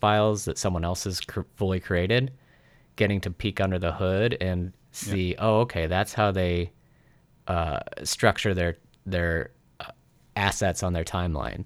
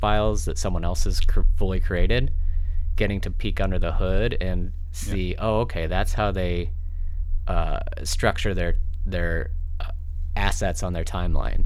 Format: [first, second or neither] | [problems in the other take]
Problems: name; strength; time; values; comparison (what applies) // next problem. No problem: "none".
first | low rumble; faint; throughout; 25 dB below the speech